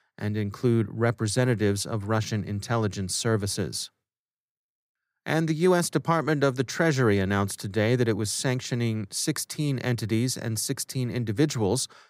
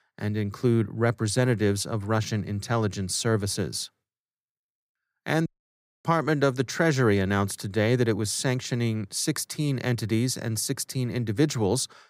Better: first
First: none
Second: audio cutting out; at 5.5 s for 0.5 s

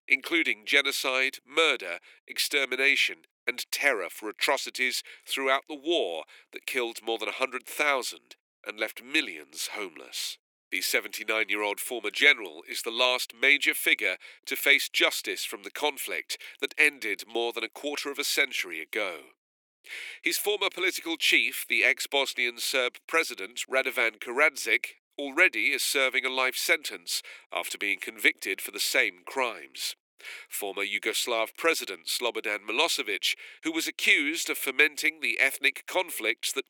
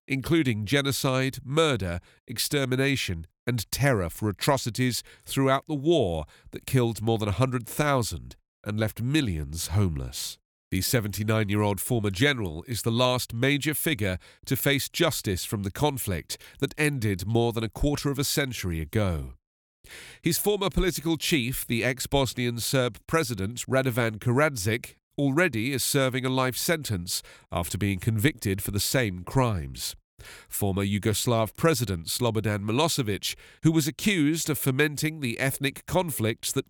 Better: second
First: thin; very; fading below 350 Hz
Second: none

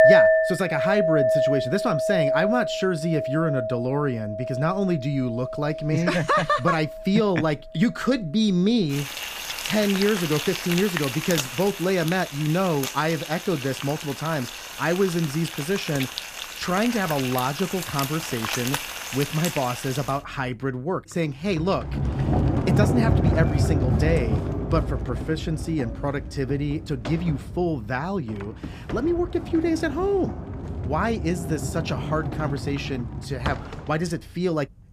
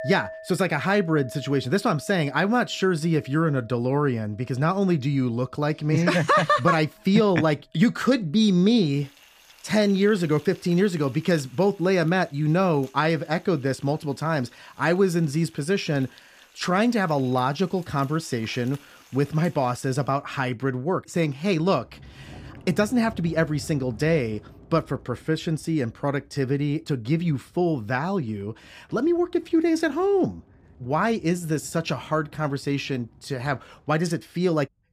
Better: second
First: household noises; loud; throughout; 2 dB below the speech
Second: household noises; faint; throughout; 25 dB below the speech

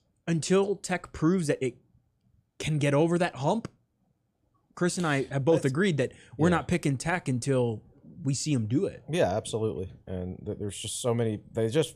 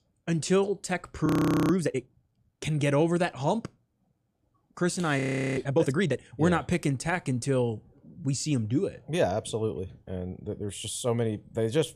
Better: first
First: none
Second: audio freezing; at 1.5 s and at 5 s

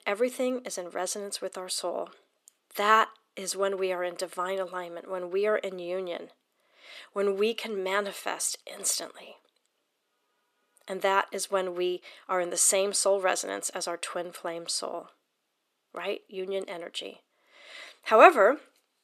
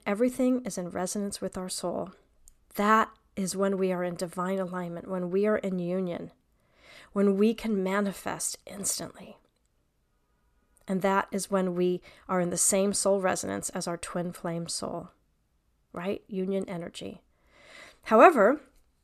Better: second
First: thin; somewhat; fading below 350 Hz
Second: none

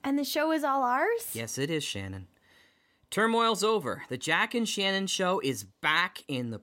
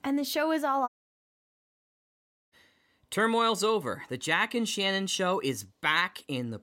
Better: first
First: none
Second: audio cutting out; at 1 s for 1.5 s

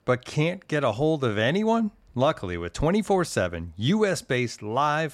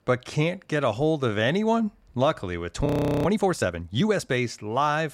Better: first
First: none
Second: audio freezing; at 3 s

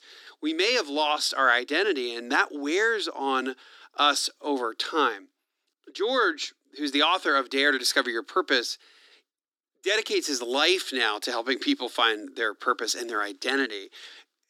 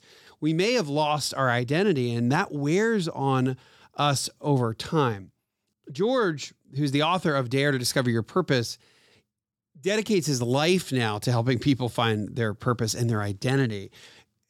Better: second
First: thin; somewhat; fading below 250 Hz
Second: none

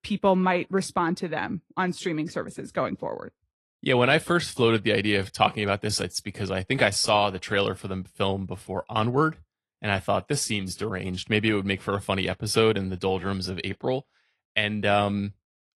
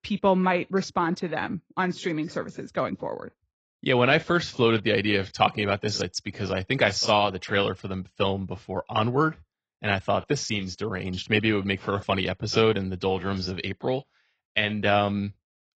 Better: first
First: garbled, watery; slightly; nothing above 11.5 kHz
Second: garbled, watery; badly; nothing above 7.5 kHz

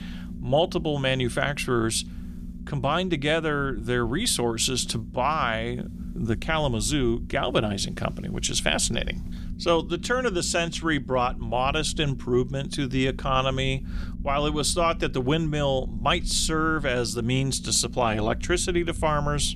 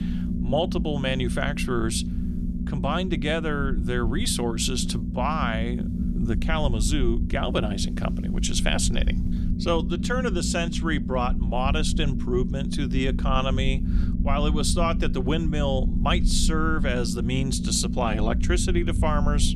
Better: first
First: low rumble; faint; throughout; 20 dB below the speech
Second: low rumble; loud; throughout; 9 dB below the speech

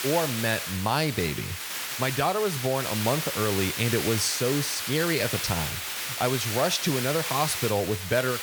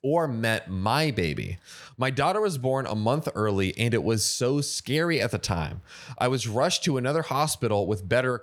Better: second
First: hiss; loud; throughout; 3 dB below the speech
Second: none

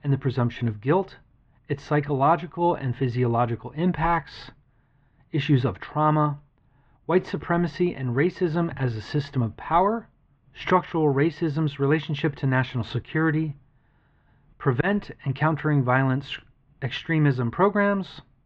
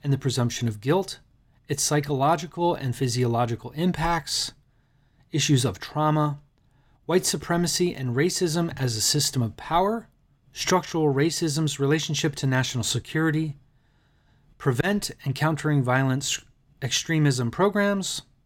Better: second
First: muffled; very; fading above 2.5 kHz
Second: none

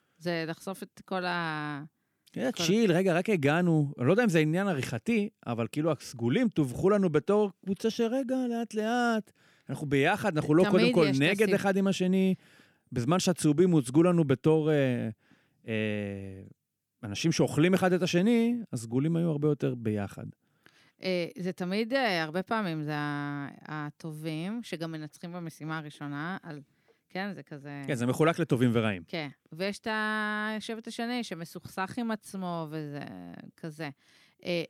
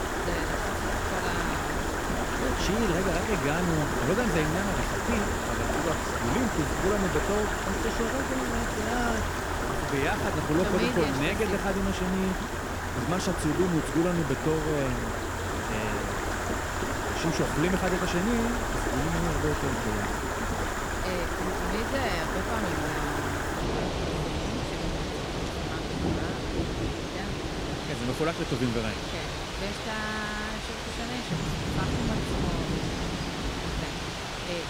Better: first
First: none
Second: rain or running water; very loud; throughout; 1 dB above the speech

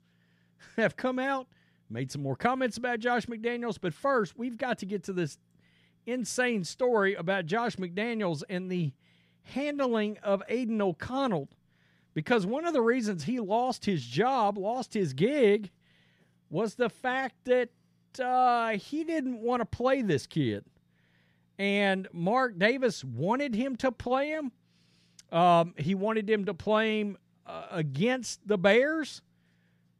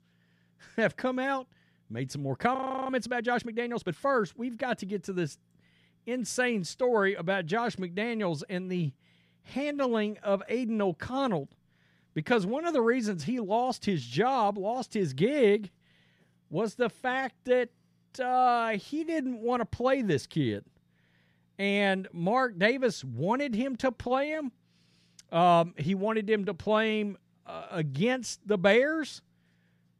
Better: first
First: none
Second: audio freezing; at 2.5 s

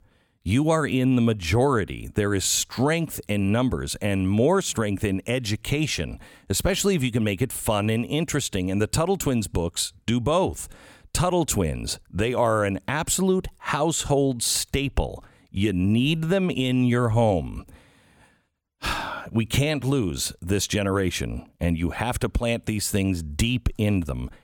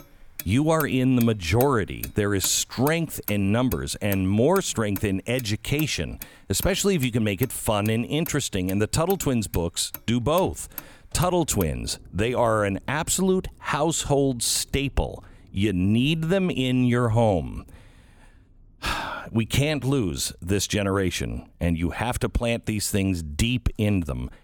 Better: first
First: none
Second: traffic noise; noticeable; throughout; 15 dB below the speech

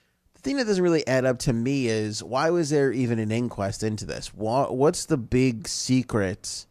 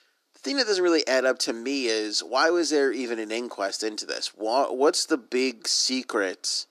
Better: first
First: none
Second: thin; somewhat; fading below 300 Hz

